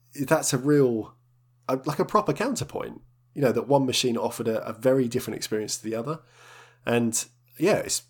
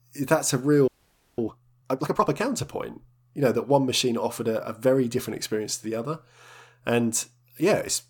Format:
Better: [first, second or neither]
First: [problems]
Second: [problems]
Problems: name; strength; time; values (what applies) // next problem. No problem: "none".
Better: first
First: none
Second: audio freezing; at 1 s